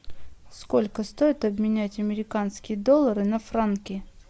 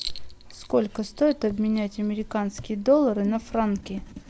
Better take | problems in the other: first | background sound (Writing); 17 dB below the speech

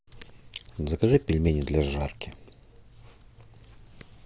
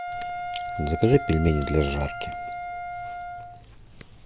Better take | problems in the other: first | background sound (Wind instrument, woodwind instrument); 7 dB below the speech

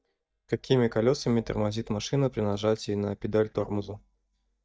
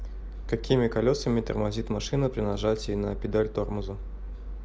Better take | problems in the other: second | noise reduction (neural mask model DeepFilterNet 3)

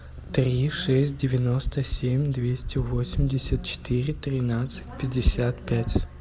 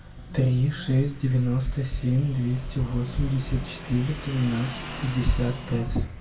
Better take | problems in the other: first | background sound (Motorcycle / Engine); 16 dB below the speech // room echo; dies away in 0.2 s

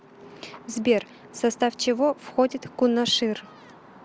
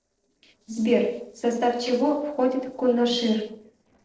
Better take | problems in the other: first | noise reduction (neural separator model SepFormer DNS4)

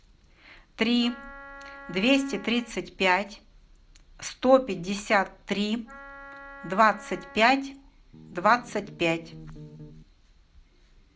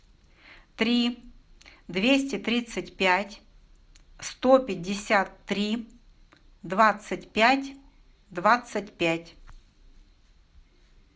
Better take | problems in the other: second | background sound (Bass guitar + Wind instrument, woodwind instrument); 18 dB below the speech

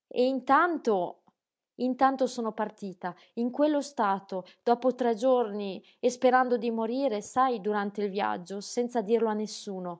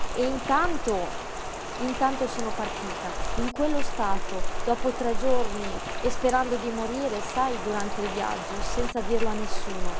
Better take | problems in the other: first | background sound (Rain); 2 dB above the speech

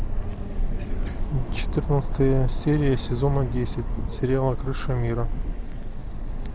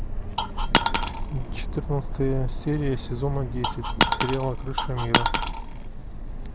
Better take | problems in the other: first | background sound (Coin (dropping)); as loud as the speech

